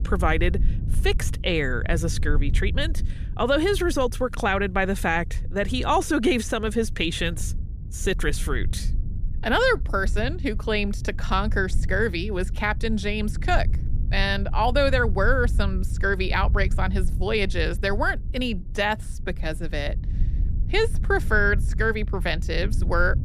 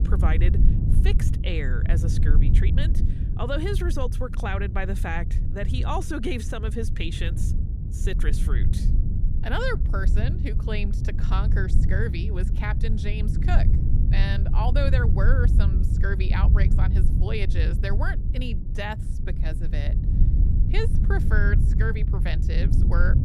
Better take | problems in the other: first | low rumble; loud; throughout; 7 dB below the speech; faint in the first

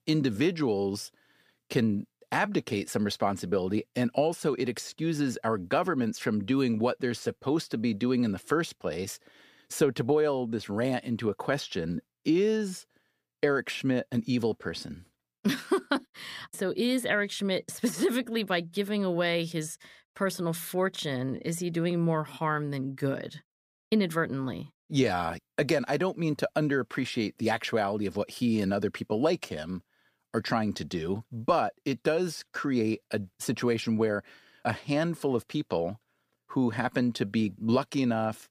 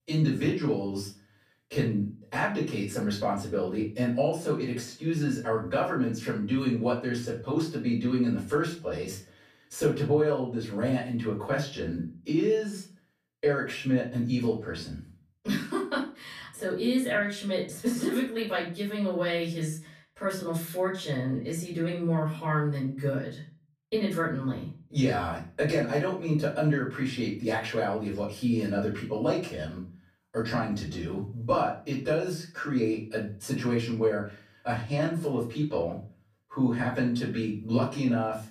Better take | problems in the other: first | off-mic speech; far // room echo; slight; dies away in 0.3 s

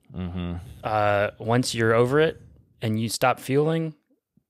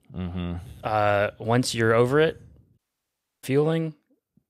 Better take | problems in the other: first | audio cutting out; at 3 s for 0.5 s

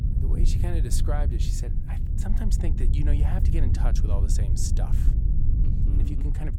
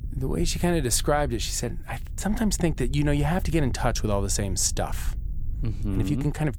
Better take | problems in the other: second | low rumble; loud; throughout; 3 dB below the speech; faint in the second

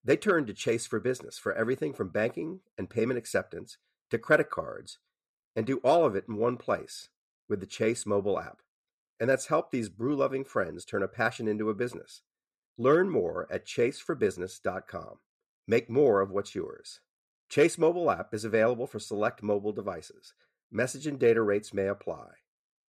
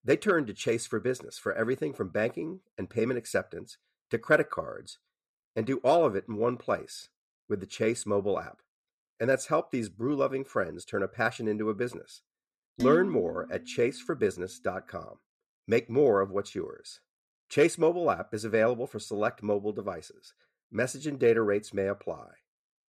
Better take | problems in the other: first | clattering dishes; noticeable; at 13 s; peak 3 dB below the speech

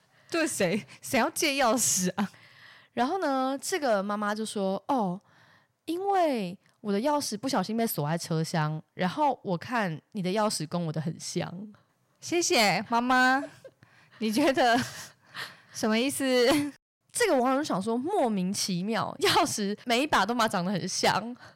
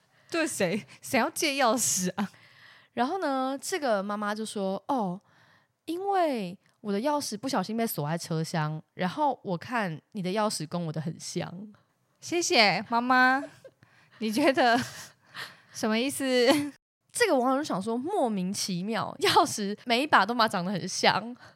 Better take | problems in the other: second | distortion; slight; 3% of the sound clipped

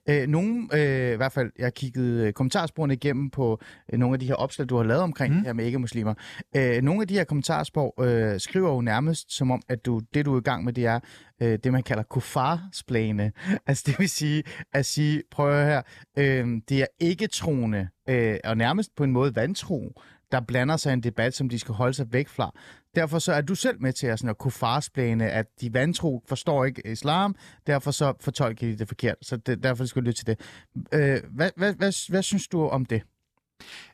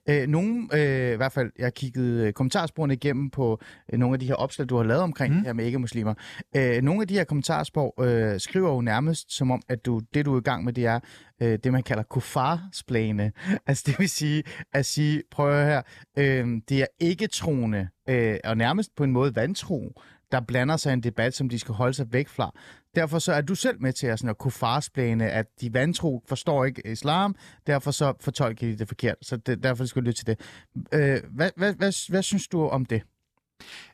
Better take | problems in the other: neither | none

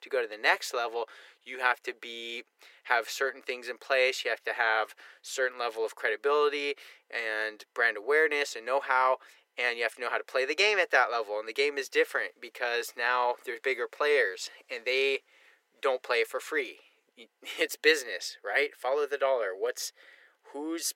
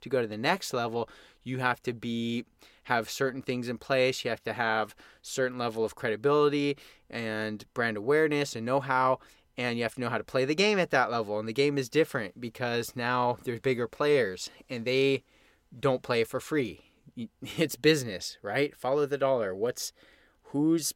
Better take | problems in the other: second | thin; very; fading below 400 Hz

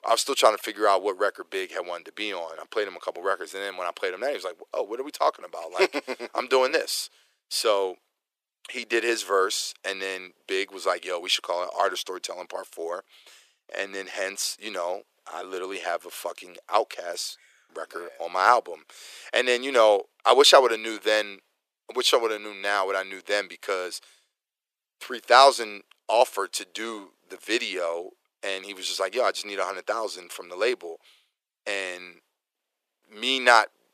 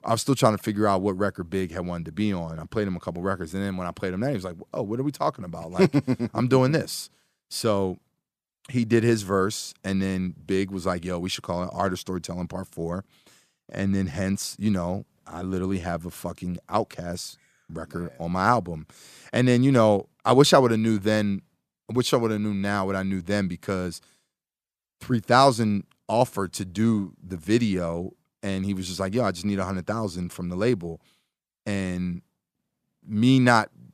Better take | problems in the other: second | thin; very; fading below 400 Hz

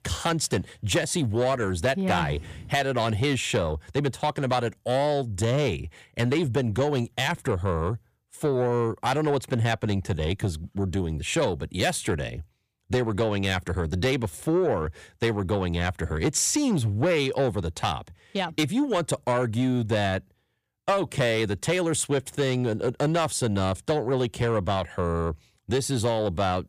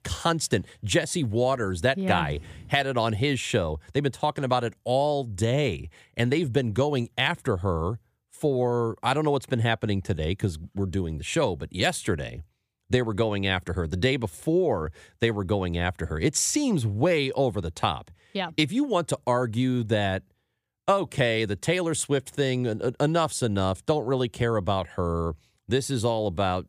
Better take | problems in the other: second | distortion; slight; 10 dB below the speech

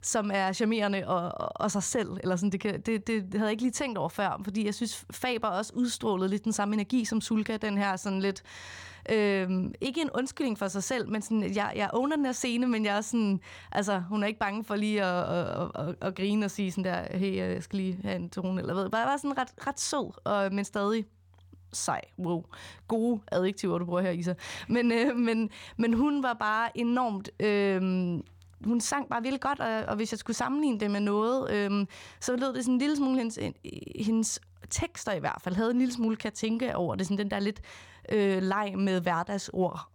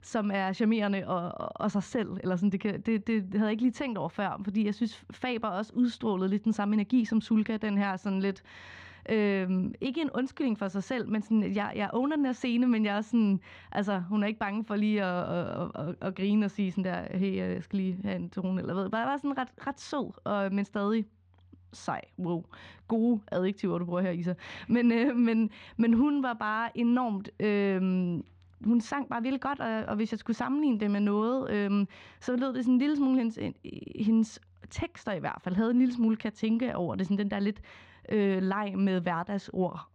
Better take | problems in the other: first | muffled; slightly; fading above 3 kHz

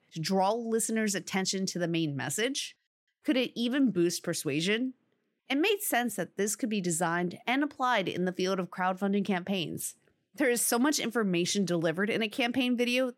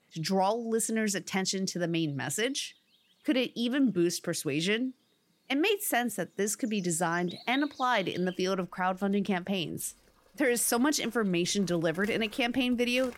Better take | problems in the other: first | animal sounds; faint; throughout; 20 dB below the speech

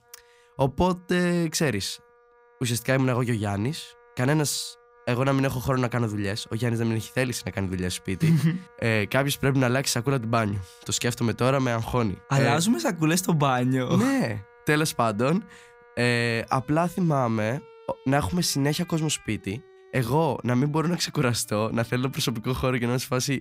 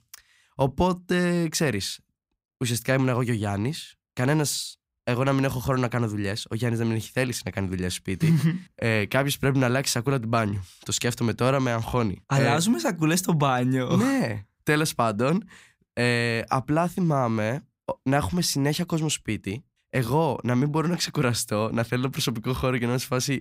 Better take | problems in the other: second | background music; faint; throughout; 30 dB below the speech

